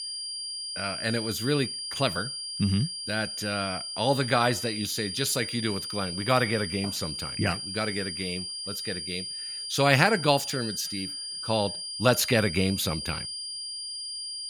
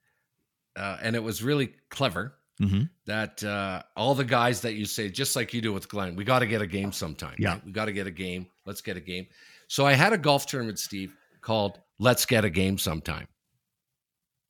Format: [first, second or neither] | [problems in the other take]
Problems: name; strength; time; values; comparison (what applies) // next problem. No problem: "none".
second | high-pitched whine; loud; throughout; 5 kHz, 5 dB below the speech